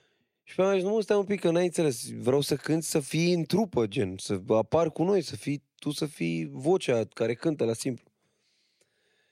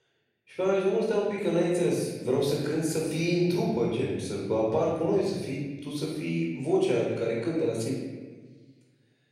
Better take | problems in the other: first | off-mic speech; far // room echo; noticeable; dies away in 1.2 s

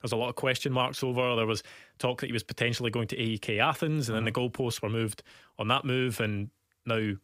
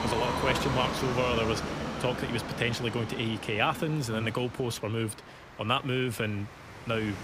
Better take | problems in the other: first | train or aircraft noise; loud; throughout; 4 dB below the speech

